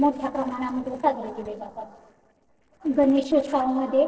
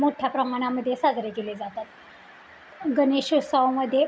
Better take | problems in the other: second | noise reduction (neural separator model SepFormer DNS4)

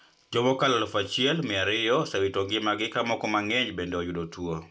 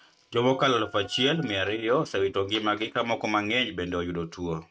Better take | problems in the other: first | noise reduction (neural mask model RNNoise)

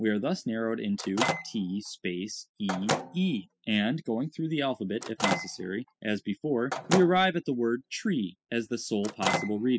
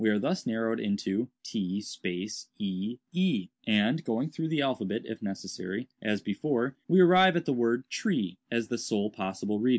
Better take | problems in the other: second | noise reduction (classical method spectral subtraction)

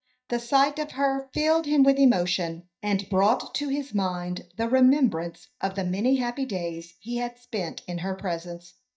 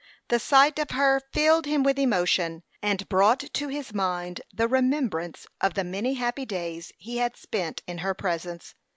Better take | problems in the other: second | noise reduction (neural mask model DeepFilterNet 3)

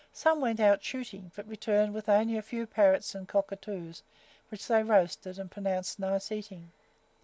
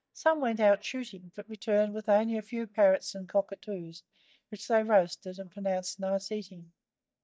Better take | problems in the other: first | noise reduction (neural mask model DeepFilterNet 3)

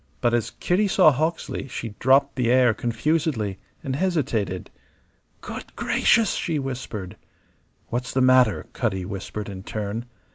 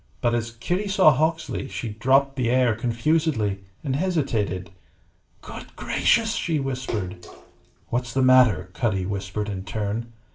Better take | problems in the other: first | background sound (Splash, splatter); 15 dB below the speech // room echo; dies away in 0.3 s

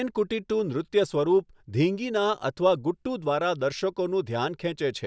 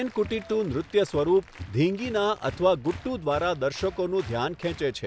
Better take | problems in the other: first | background sound (Applause); 16 dB below the speech

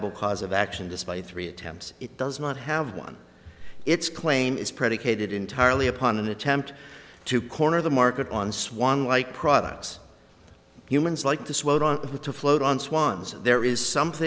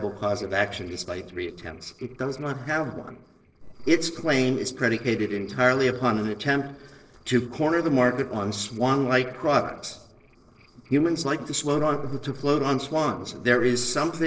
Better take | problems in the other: first | noise reduction (neural separator model SepFormer DNS4)

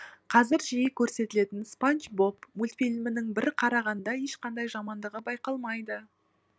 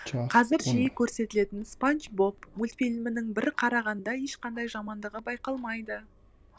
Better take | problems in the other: first | background sound (Clock); 11 dB below the speech

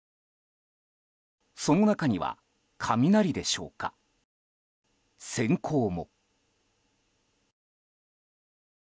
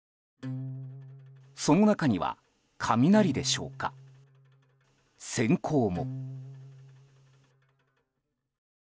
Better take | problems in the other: first | background sound (Acoustic guitar); 13 dB below the speech

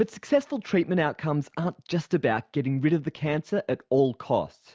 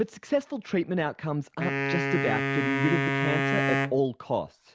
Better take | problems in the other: first | background sound (Wind instrument, woodwind instrument); as loud as the speech

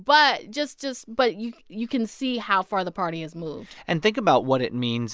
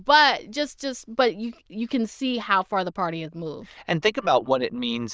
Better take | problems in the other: first | noise reduction (neural diffusion model UNIVERSE++)

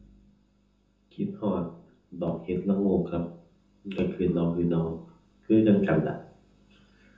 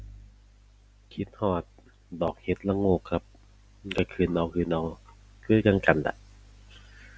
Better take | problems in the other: second | room echo; dies away in 0.5 s

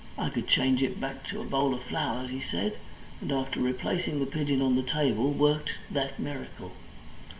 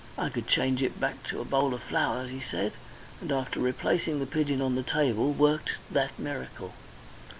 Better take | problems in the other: second | room echo; dies away in 0.7 s

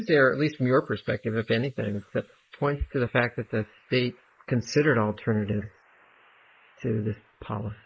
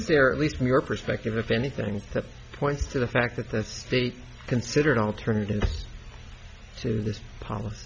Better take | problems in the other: second | noise reduction (neural mask model Resemble Enhance denoiser)

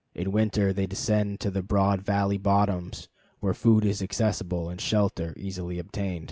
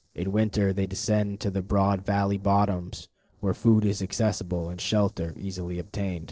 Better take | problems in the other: first | noise reduction (neural separator model SepFormer DNS4)

